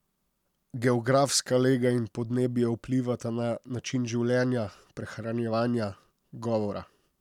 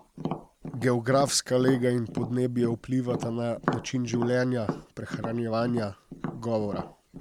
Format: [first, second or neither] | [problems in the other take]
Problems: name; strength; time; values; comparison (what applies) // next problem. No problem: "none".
first | background sound (Tap); 9 dB below the speech